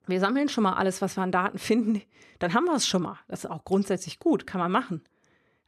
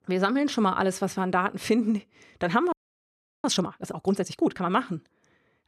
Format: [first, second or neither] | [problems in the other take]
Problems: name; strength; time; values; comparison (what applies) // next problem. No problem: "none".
first | audio freezing; at 2.5 s for 0.5 s